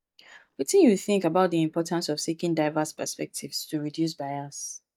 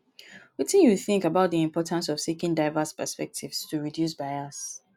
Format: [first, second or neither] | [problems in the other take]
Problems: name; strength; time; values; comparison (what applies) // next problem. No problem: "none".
second | noise reduction (neural mask model DeepFilterNet 3)